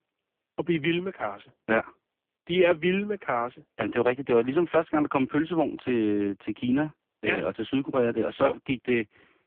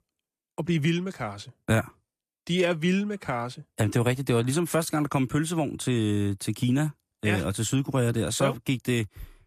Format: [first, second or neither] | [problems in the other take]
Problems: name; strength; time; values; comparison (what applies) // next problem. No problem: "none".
second | phone-call audio; poor line; nothing above 3.5 kHz